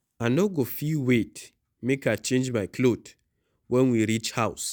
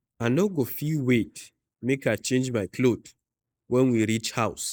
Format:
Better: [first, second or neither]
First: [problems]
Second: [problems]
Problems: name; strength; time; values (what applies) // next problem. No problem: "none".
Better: first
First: none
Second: noise reduction (neural mask model Resemble Enhance denoiser)